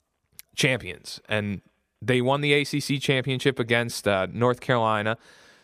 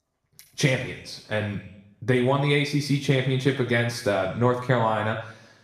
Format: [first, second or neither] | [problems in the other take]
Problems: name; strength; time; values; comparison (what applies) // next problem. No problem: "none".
first | room echo; slight; dies away in 0.7 s // off-mic speech; somewhat distant